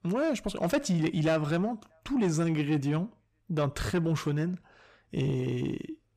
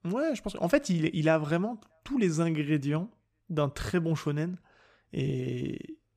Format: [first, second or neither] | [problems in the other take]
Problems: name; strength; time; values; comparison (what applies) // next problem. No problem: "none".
second | distortion; slight; 10 dB below the speech